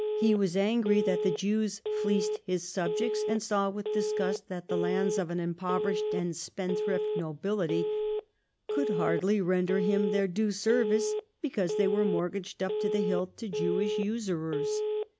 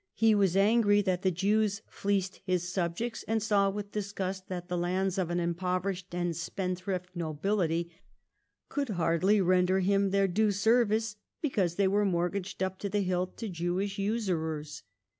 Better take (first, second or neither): second